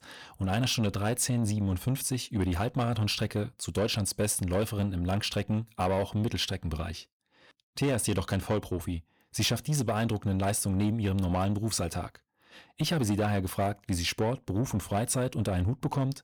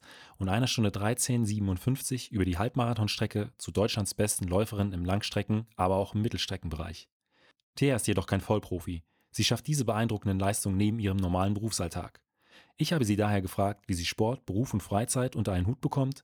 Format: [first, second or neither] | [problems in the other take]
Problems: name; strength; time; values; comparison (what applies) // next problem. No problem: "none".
second | distortion; slight; 10 dB below the speech